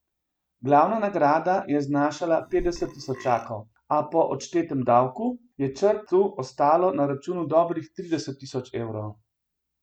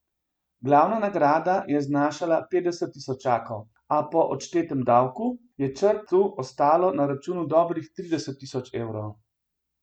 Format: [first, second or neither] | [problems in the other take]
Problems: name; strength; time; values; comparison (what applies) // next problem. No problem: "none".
second | background sound (Burping, eructation); 15 dB below the speech